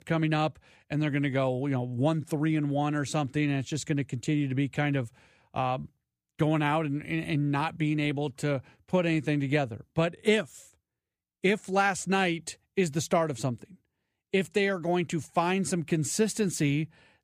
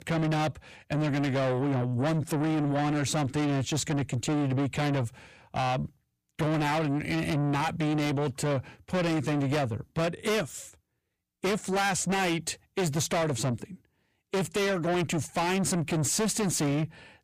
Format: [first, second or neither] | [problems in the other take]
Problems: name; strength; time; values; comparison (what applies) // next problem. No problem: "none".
first | distortion; heavy; 6 dB below the speech